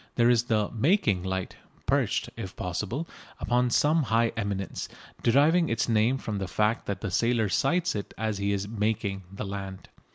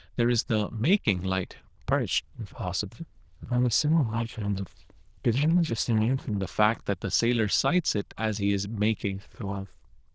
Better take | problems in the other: first | noise reduction (neural diffusion model UNIVERSE++)

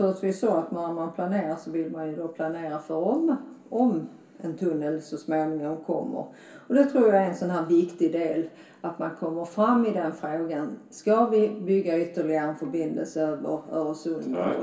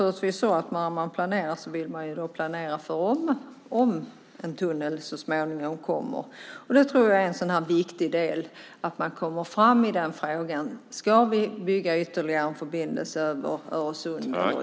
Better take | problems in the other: second | background sound (Bowed string instrument); 20 dB below the speech // room echo; dies away in 0.3 s

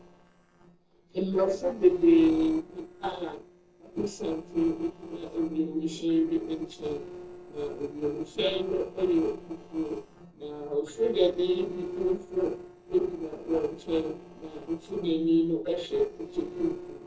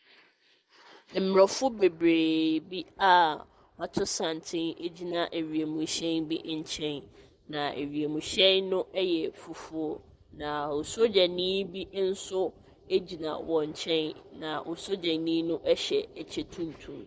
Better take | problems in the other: second | noise reduction (neural separator model SepFormer DNS4)

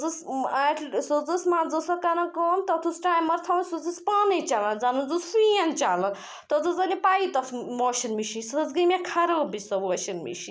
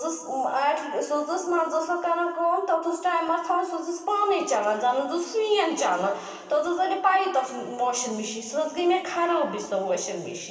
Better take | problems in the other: first | room echo; dies away in 2.5 s

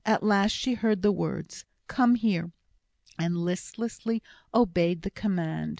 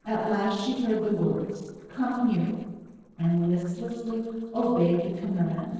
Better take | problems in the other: first | noise reduction (neural separator model SepFormer DNS4)

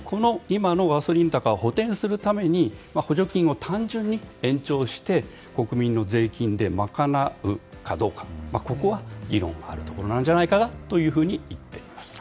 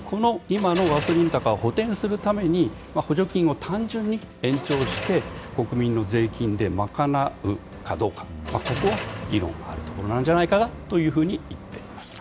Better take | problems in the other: first | background sound (Car); 13 dB below the speech

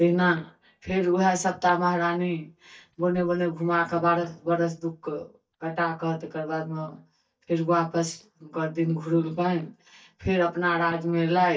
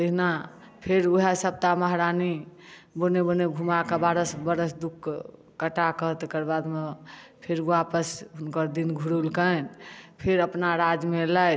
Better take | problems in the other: second | noise reduction (neural mask model DeepFilterNet 3)

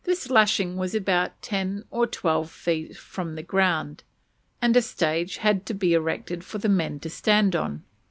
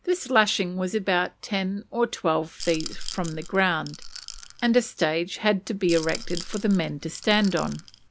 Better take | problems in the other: first | background sound (Rattle / Rattle (instrument)); 10 dB below the speech

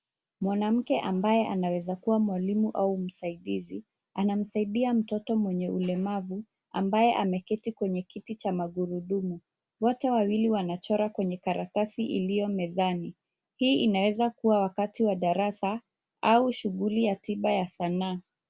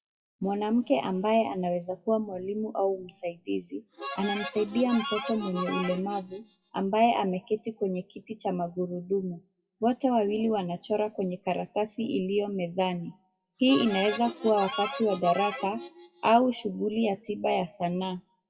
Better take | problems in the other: first | noise reduction (classical method WPE with log-MMSE)

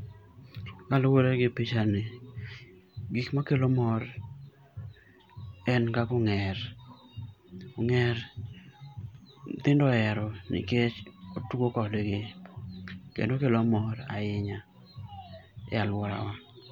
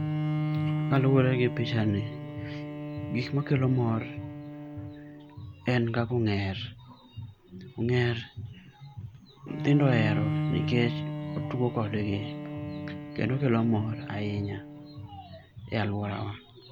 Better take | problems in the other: first | background sound (Bowed string instrument); 5 dB below the speech

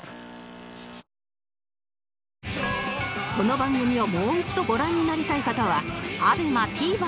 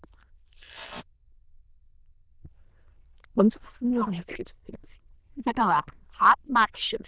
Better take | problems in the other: first | noise reduction (neural diffusion model UNIVERSE++)

